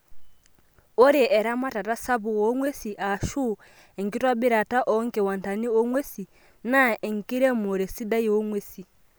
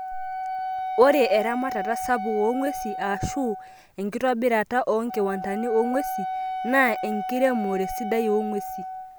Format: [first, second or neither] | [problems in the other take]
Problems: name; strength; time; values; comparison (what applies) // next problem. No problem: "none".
first | background sound (Wind instrument, woodwind instrument); 7 dB below the speech